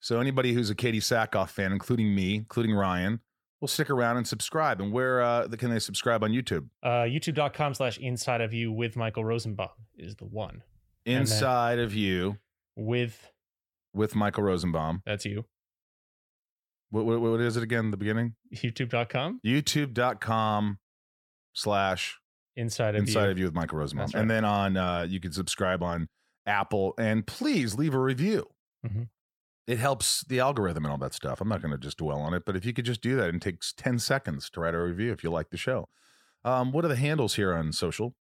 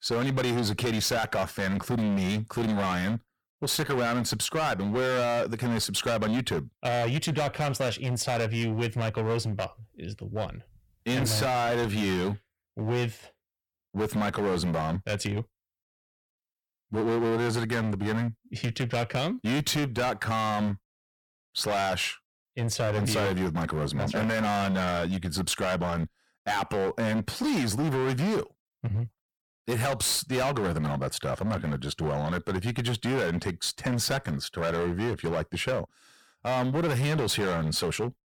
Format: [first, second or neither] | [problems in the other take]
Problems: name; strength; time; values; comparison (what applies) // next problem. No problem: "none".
first | distortion; heavy; 20% of the sound clipped